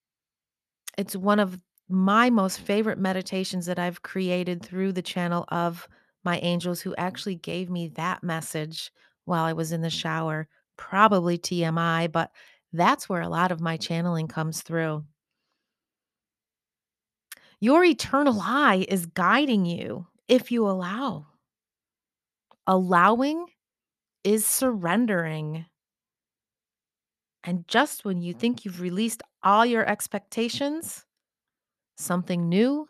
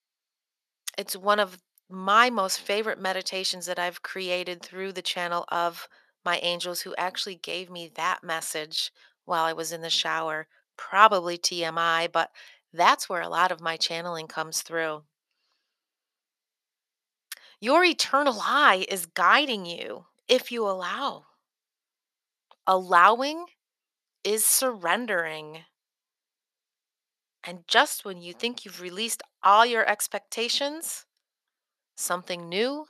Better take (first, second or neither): first